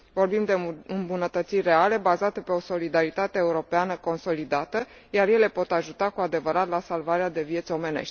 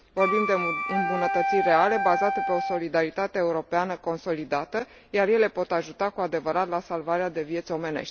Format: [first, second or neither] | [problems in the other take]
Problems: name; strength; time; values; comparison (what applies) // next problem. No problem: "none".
first | background sound (Wind instrument, woodwind instrument); 1 dB below the speech